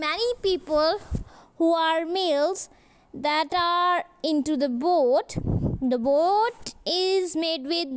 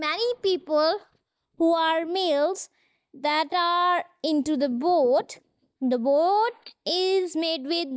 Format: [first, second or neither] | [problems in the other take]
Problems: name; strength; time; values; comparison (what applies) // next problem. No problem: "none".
first | noise reduction (neural mask model DeepFilterNet 3)